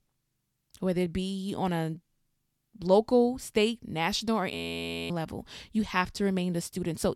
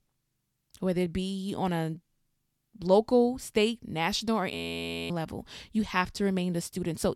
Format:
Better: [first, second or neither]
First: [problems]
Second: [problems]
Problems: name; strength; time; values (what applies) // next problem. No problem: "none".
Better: neither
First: audio freezing; at 4.5 s for 0.5 s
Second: audio freezing; at 4.5 s for 0.5 s